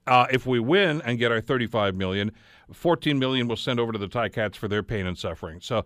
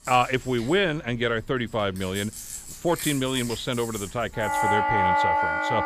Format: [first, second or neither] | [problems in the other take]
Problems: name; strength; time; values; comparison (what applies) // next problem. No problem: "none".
first | background music; very loud; throughout; as loud as the speech